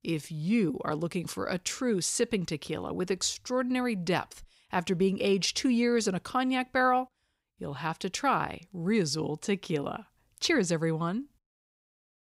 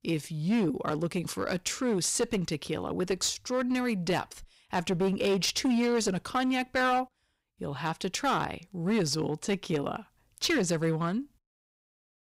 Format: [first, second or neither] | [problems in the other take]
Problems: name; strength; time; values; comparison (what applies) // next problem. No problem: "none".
first | distortion; slight; 8% of the sound clipped